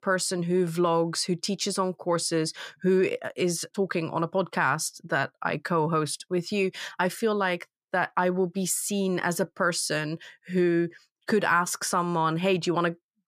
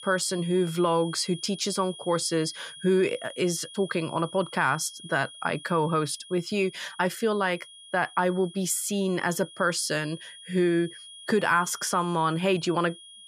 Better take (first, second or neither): first